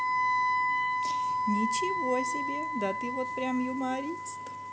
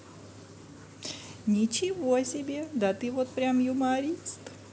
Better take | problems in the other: second | background sound (Wind instrument, woodwind instrument); 4 dB above the speech

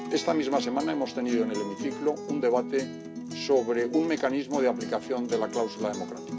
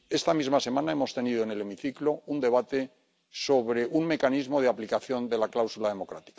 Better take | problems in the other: second | background sound (Acoustic guitar); 8 dB below the speech // room echo; dies away in 0.3 s

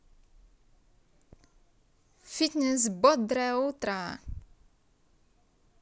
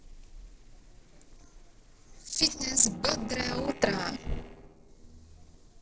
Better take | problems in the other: first | noise reduction (neural separator model SepFormer DNS4)

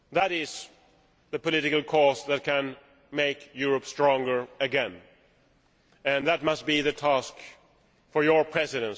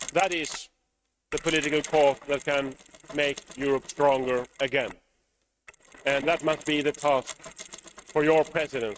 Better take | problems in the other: first | noise reduction (neural mask model RNNoise)

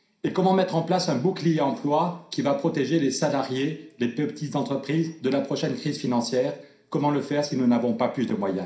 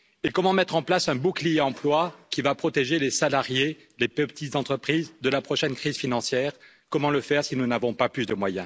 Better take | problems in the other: second | room echo; dies away in 0.5 s

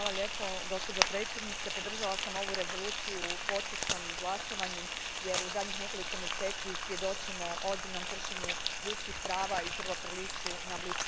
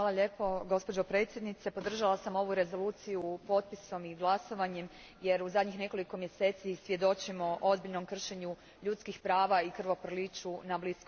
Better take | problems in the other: second | background sound (Frying (food)); 3 dB above the speech

